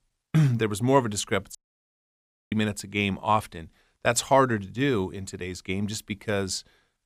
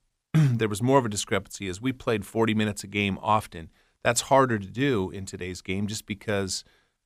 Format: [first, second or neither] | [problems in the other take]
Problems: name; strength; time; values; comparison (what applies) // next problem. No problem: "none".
second | audio cutting out; at 1.5 s for 1 s